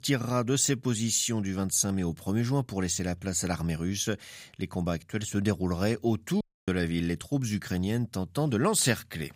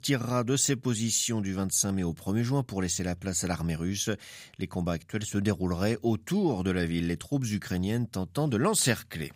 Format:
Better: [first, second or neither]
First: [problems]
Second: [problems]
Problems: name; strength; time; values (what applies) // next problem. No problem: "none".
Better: second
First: audio cutting out; at 6.5 s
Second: none